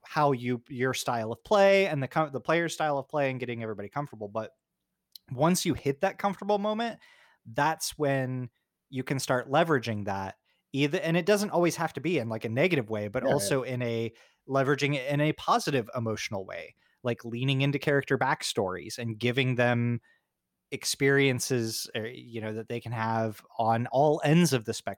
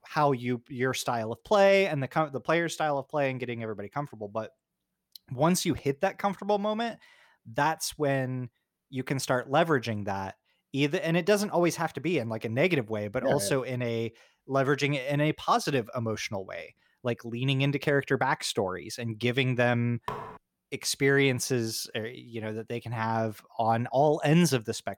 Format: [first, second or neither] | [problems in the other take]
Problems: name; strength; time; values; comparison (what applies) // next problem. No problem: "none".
first | clattering dishes; noticeable; at 20 s; peak 10 dB below the speech